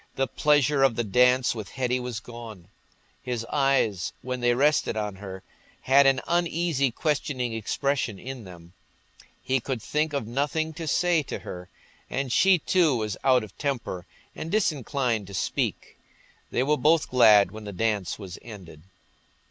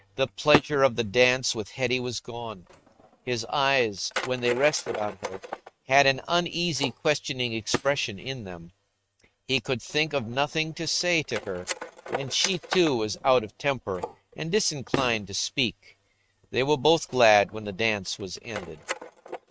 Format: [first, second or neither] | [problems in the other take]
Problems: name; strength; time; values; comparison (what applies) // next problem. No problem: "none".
first | noise reduction (neural mask model RNNoise)